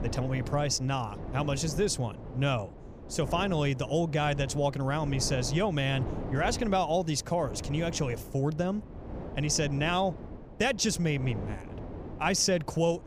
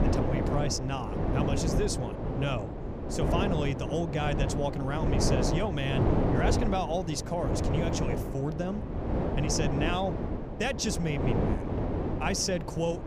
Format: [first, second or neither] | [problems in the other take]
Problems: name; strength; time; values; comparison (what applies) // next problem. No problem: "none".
first | wind noise on the microphone; heavy; 2 dB below the speech; occasional gusts in the first